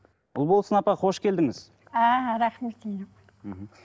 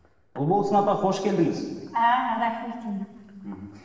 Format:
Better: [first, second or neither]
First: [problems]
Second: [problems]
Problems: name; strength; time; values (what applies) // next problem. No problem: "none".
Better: first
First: none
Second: room echo; dies away in 1.4 s